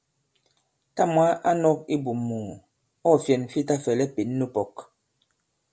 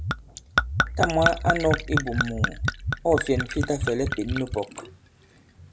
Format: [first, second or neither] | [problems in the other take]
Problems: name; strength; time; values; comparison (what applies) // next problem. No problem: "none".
first | background sound (Gurgling / Chink, clink / Liquid); as loud as the speech